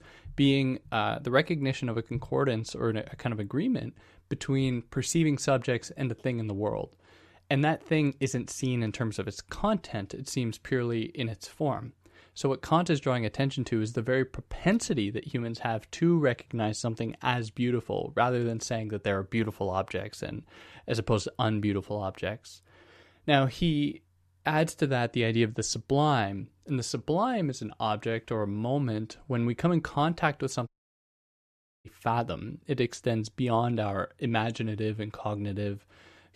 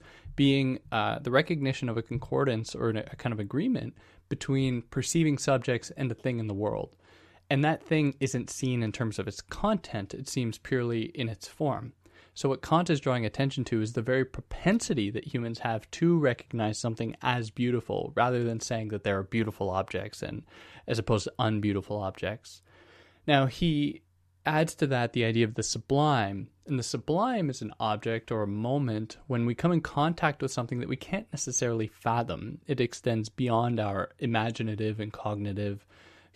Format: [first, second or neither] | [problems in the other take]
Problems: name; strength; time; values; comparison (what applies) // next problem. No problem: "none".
second | audio cutting out; at 31 s for 1 s